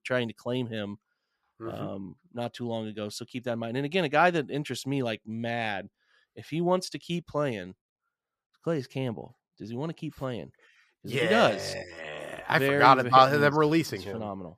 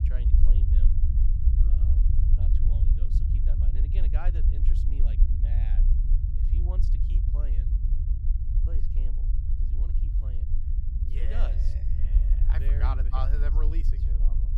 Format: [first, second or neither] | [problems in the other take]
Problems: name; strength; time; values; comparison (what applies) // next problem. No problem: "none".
first | low rumble; loud; throughout; 2 dB below the speech